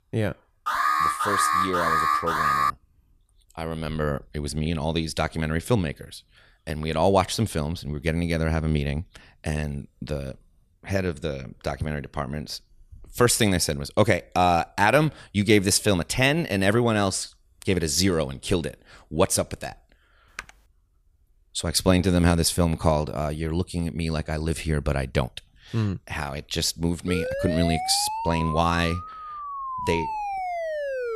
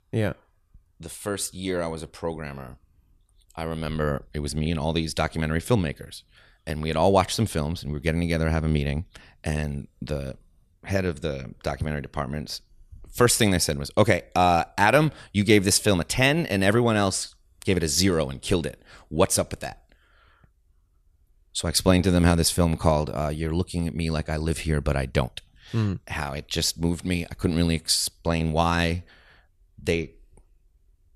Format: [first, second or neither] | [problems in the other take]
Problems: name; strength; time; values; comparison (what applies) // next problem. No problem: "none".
second | alarm; loud; from 0.5 to 2.5 s; peak 3 dB above the speech // keyboard typing; faint; at 20 s; peak 15 dB below the speech // siren; noticeable; from 27 s on; peak 4 dB below the speech